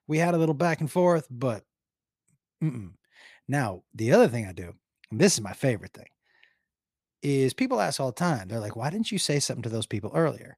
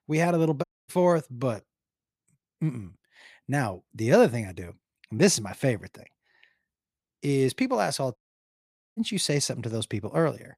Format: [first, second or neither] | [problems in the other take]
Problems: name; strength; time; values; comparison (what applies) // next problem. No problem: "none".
first | audio cutting out; at 0.5 s and at 8 s for 1 s